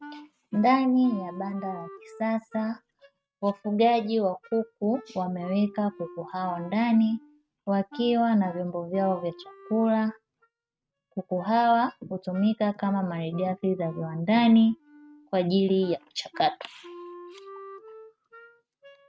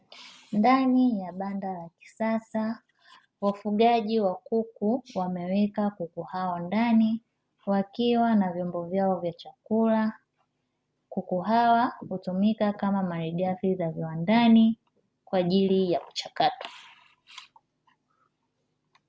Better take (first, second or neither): second